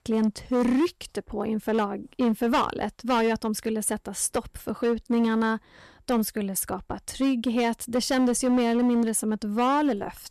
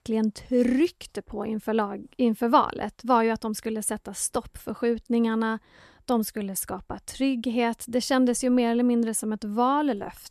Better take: second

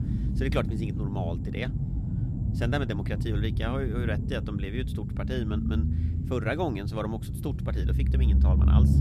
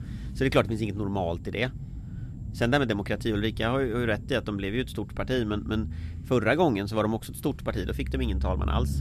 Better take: second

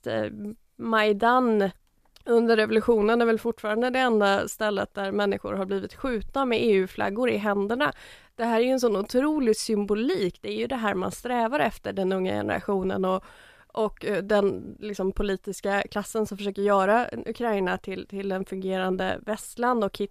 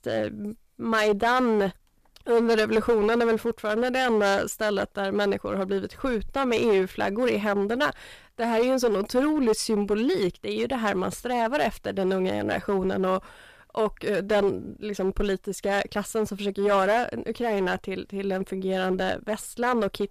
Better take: first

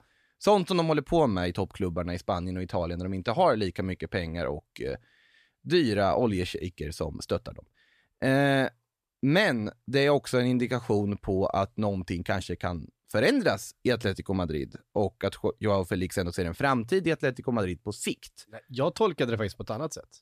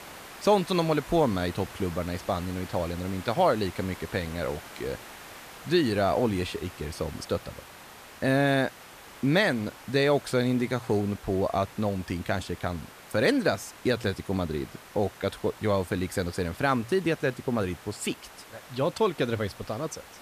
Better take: first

